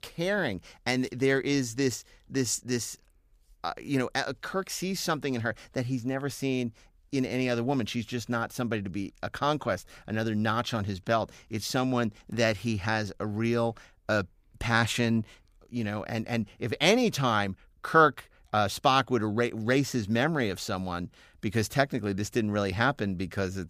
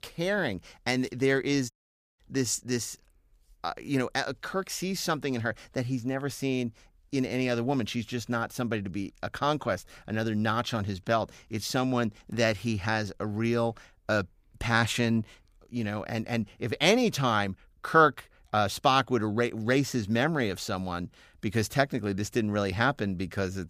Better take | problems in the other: first | audio cutting out; at 1.5 s

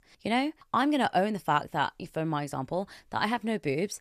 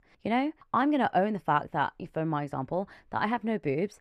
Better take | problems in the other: first | muffled; slightly; fading above 3.5 kHz

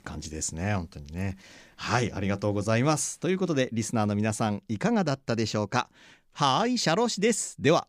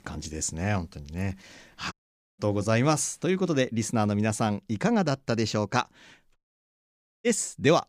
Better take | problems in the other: first | audio cutting out; at 2 s and at 6.5 s for 1 s

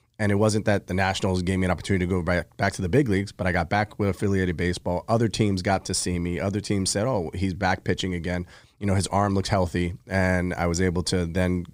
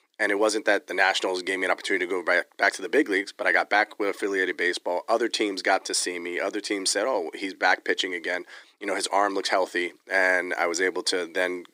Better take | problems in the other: first | thin; very; fading below 300 Hz

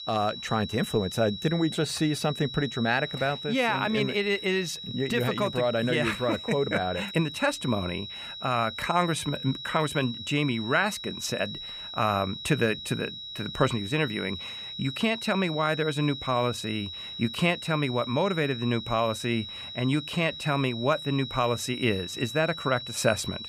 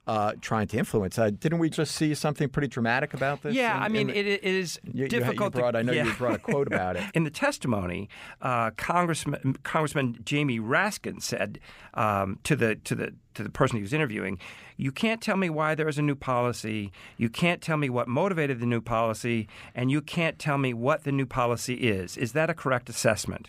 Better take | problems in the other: second | high-pitched whine; loud; throughout; 4 kHz, 9 dB below the speech

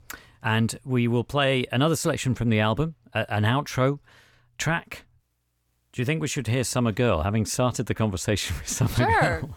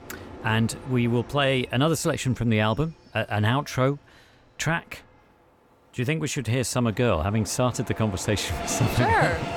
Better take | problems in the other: first | train or aircraft noise; noticeable; throughout; 10 dB below the speech

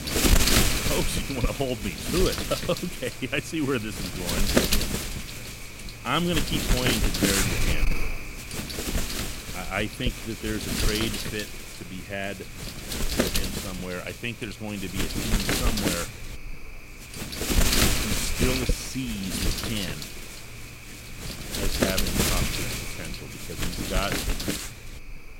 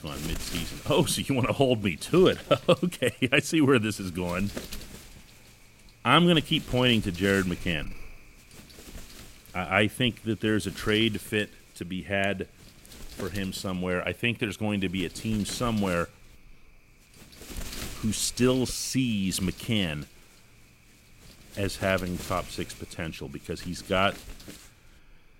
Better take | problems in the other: second | wind noise on the microphone; heavy; 3 dB above the speech; occasional gusts in the second

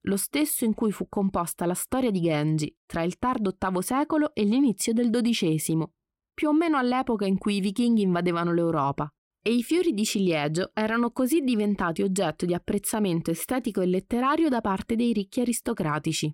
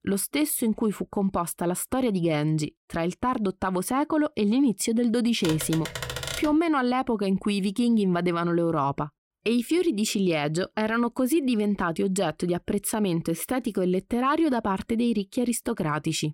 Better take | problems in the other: first | keyboard typing; noticeable; from 5.5 to 6.5 s; peak 5 dB below the speech

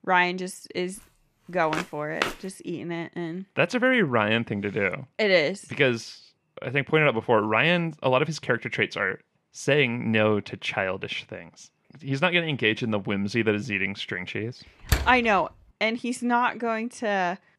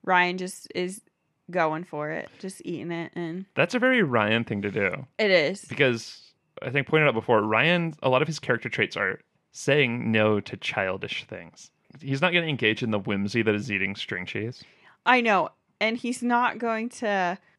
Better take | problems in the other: second | footsteps; noticeable; at 1.5 s; peak 5 dB below the speech // door banging; noticeable; at 15 s; peak 3 dB below the speech

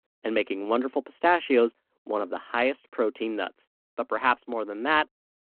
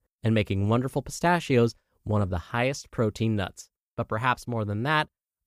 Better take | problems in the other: second | phone-call audio

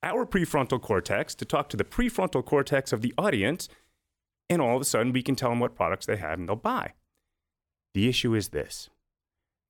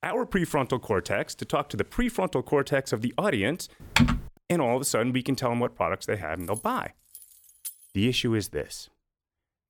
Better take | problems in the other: first | keyboard typing; loud; at 4 s; peak 4 dB above the speech // jangling keys; faint; from 6.5 to 8 s; peak 10 dB below the speech

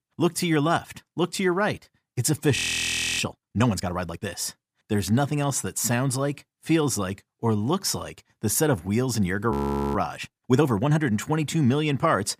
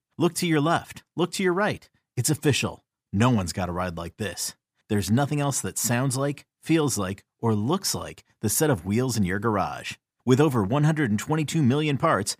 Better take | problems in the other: second | audio freezing; at 2.5 s for 0.5 s and at 9.5 s

